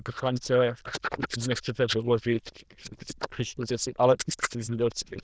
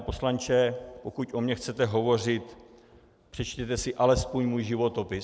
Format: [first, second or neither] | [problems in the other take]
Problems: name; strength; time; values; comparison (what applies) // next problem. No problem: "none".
second | noise reduction (neural diffusion model UNIVERSE++)